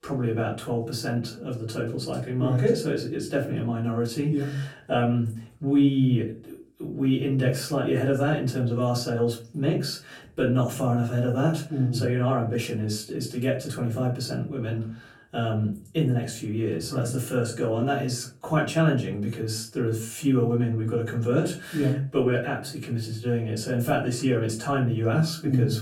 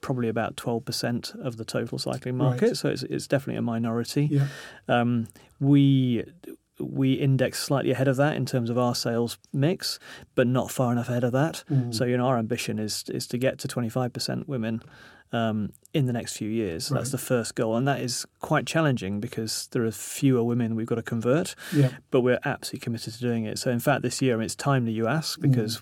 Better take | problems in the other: second | off-mic speech; far // room echo; slight; dies away in 0.3 s

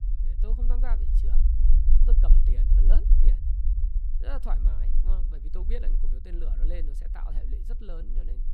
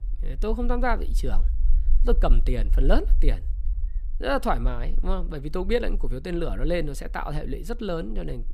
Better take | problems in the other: second | low rumble; loud; throughout; 4 dB below the speech; faint in the second

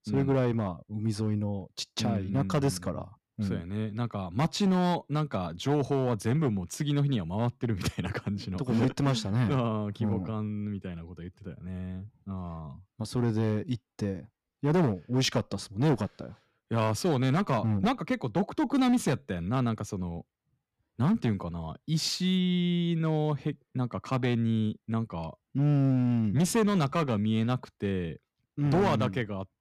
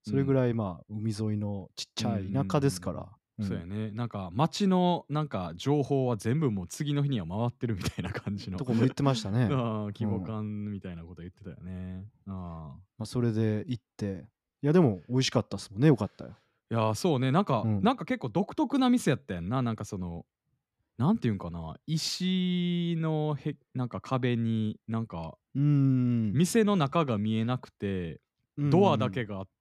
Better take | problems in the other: second | distortion; slight; 5% of the sound clipped

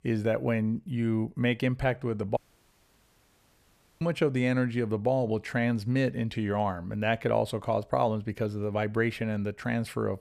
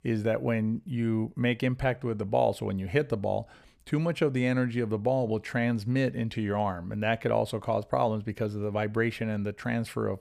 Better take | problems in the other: second | audio cutting out; at 2.5 s for 1.5 s

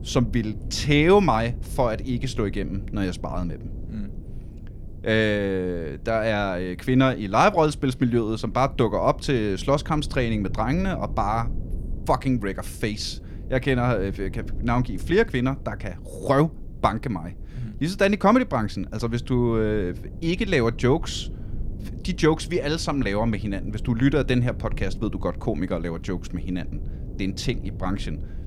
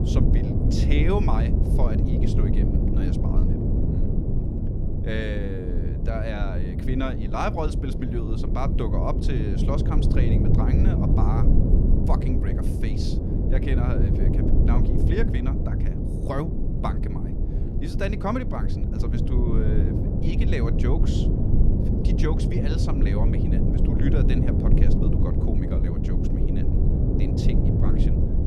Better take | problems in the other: first | low rumble; loud; throughout; as loud as the speech; faint in the first

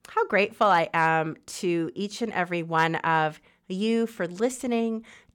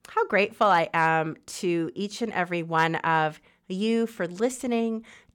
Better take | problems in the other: neither | none

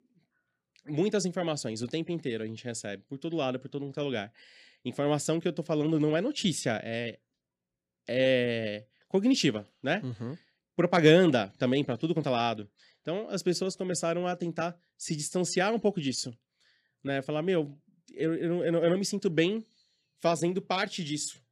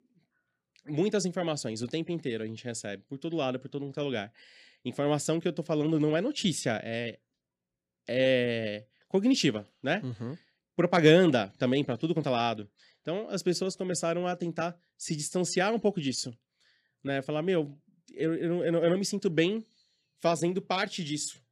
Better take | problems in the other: neither | none

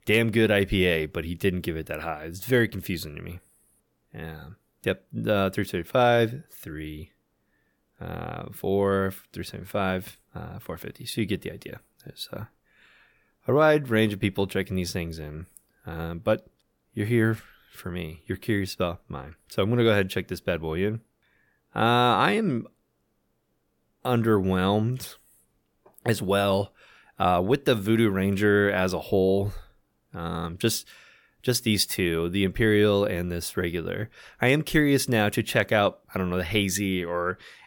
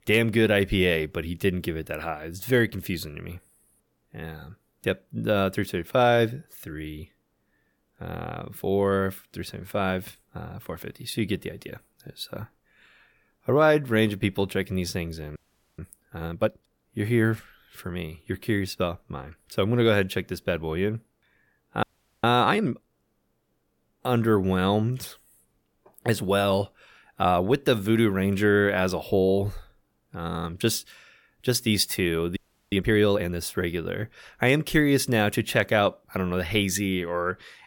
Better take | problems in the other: first | audio freezing; at 15 s, at 22 s and at 32 s

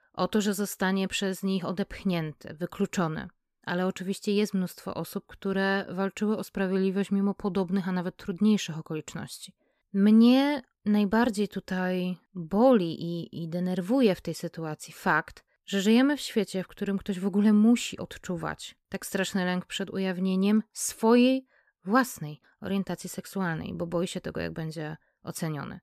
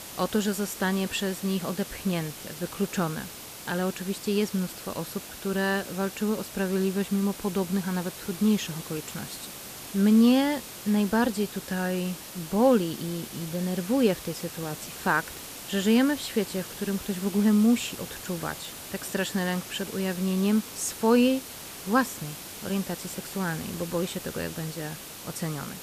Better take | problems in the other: first | hiss; noticeable; throughout; 10 dB below the speech

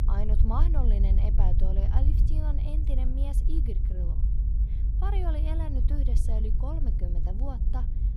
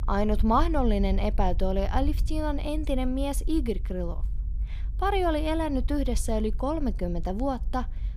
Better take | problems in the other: second | low rumble; loud; throughout; 5 dB below the speech; faint in the second

